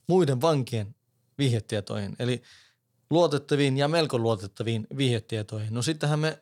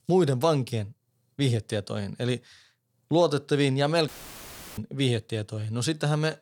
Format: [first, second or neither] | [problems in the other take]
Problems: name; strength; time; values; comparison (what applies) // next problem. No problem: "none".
first | audio cutting out; filled with static; at 4 s for 0.5 s